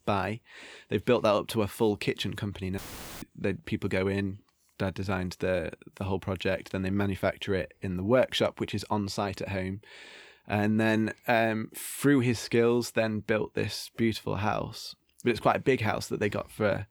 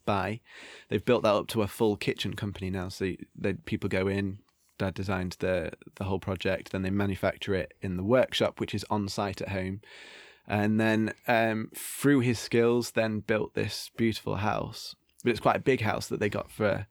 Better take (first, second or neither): second